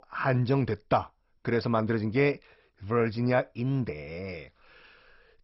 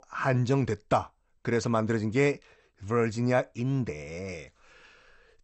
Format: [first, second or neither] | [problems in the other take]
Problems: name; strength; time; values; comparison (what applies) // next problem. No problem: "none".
second | garbled, watery; badly; nothing above 5.5 kHz; slightly in the second